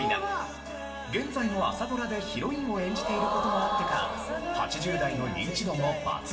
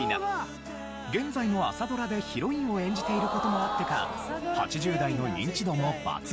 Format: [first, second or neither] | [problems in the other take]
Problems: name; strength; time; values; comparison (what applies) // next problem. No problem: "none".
second | room echo; dies away in 1 s